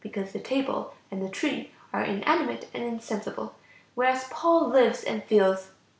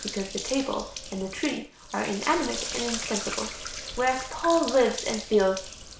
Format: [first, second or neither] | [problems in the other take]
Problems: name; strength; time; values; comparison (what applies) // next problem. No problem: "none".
first | background sound (Sink (filling or washing)); 8 dB below the speech